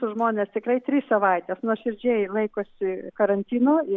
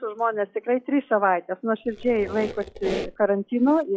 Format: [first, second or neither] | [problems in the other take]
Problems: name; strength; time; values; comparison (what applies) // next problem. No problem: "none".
first | noise reduction (classical method log-MMSE)